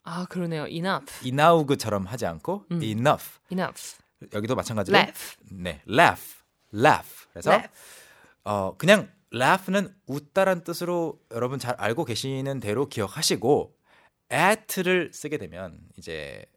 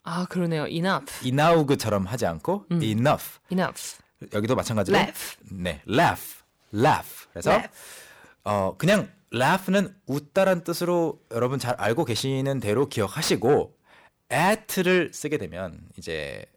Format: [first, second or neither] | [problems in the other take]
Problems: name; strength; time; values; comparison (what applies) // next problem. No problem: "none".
first | distortion; heavy; 7 dB below the speech